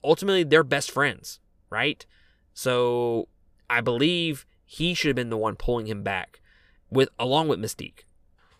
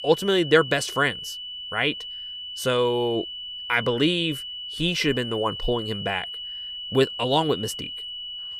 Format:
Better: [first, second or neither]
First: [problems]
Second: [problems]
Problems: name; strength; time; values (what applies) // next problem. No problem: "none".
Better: first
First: none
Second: high-pitched whine; loud; throughout; 3 kHz, 8 dB below the speech